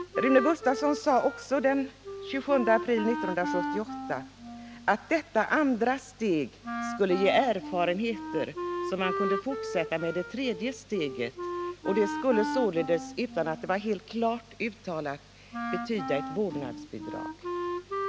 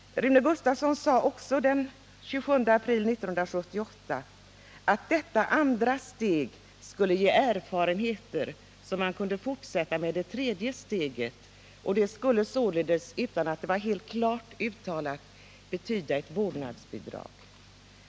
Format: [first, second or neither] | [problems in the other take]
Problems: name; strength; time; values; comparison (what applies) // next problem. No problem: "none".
second | background sound (Wind instrument, woodwind instrument); 7 dB below the speech